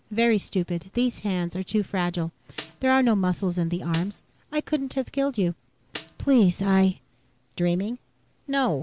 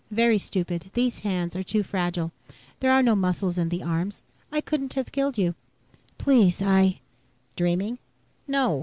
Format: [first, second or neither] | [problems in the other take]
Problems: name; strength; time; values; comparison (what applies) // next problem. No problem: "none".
second | background sound (Snare drum); 19 dB below the speech